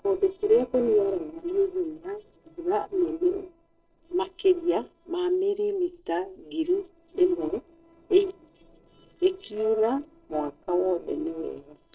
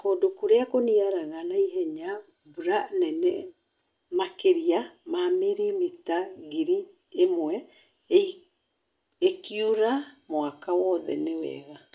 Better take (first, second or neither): second